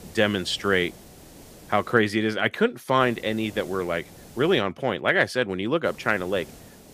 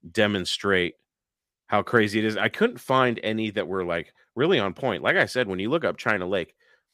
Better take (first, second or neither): second